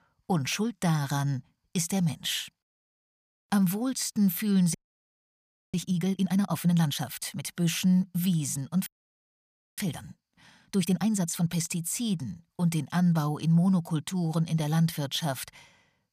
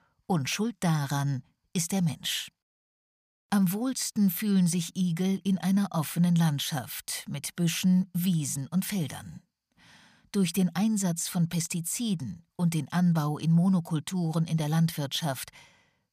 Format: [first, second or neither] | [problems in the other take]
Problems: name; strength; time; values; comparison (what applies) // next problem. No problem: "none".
second | audio freezing; at 4.5 s for 1 s and at 9 s for 1 s